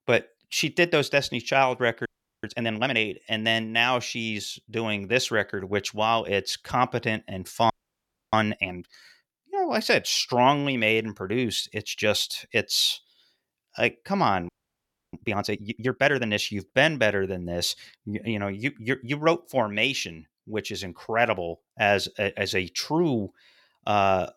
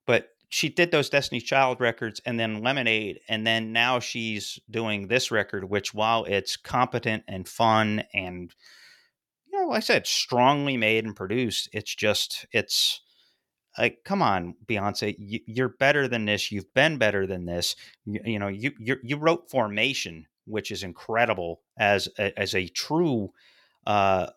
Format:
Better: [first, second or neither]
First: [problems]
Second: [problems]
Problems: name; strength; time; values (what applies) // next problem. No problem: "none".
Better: second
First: audio freezing; at 2 s, at 7.5 s for 0.5 s and at 14 s for 0.5 s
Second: none